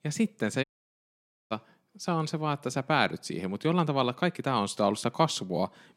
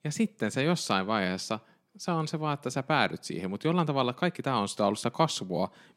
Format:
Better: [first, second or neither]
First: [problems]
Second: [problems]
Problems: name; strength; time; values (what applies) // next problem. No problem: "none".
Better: second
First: audio cutting out; at 0.5 s for 1 s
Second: none